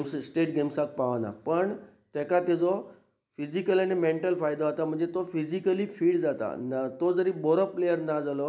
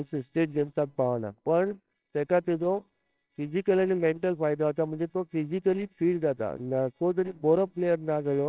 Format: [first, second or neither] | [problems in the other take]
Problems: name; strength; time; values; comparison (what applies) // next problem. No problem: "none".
first | noise reduction (neural separator model SepFormer WHAMR!)